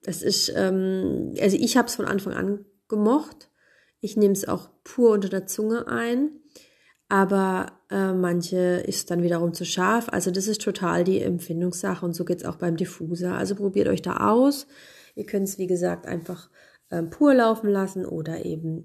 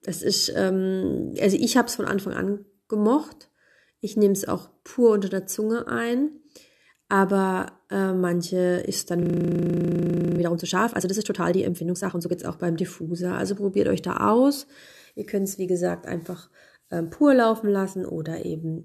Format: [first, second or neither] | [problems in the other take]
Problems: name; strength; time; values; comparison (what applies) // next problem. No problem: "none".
first | audio freezing; at 9 s for 1 s